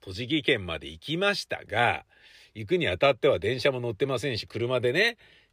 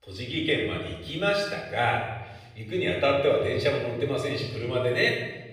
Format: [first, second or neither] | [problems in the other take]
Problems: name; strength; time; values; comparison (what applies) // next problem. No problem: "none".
first | off-mic speech; far // room echo; noticeable; dies away in 1 s